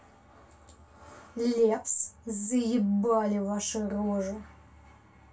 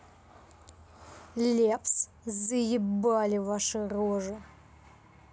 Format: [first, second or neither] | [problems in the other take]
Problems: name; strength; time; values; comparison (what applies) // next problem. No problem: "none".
second | room echo; dies away in 0.2 s